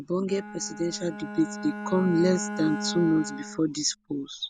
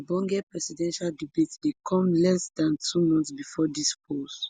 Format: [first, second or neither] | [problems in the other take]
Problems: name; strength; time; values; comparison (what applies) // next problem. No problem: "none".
second | background sound (Bowed string instrument); 9 dB below the speech